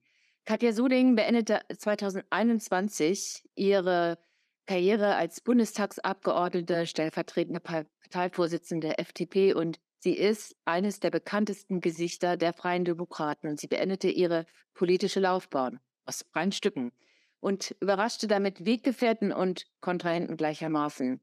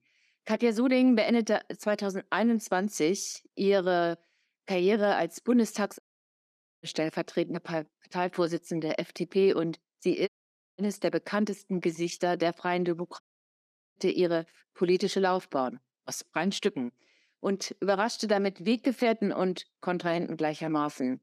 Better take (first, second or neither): first